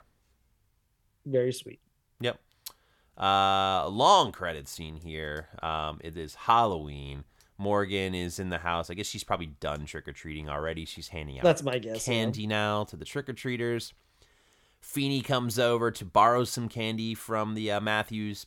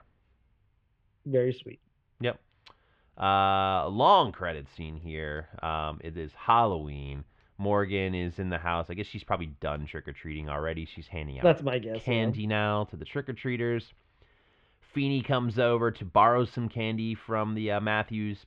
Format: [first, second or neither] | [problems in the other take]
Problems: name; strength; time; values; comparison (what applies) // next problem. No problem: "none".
first | muffled; very; fading above 3 kHz